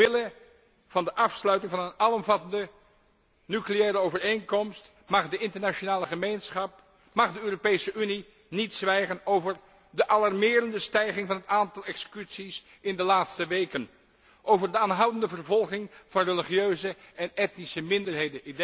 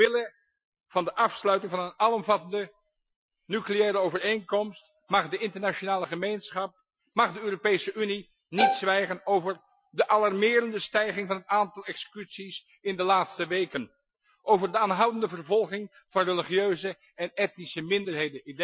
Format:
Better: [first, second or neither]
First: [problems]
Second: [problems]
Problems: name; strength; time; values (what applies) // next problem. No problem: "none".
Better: first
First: none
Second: noise reduction (classical method Wiener filter)